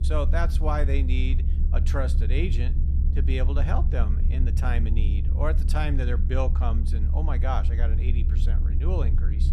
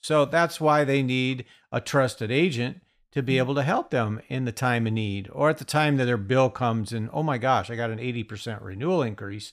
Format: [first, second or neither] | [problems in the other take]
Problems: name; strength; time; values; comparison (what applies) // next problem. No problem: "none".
second | low rumble; loud; throughout; 9 dB below the speech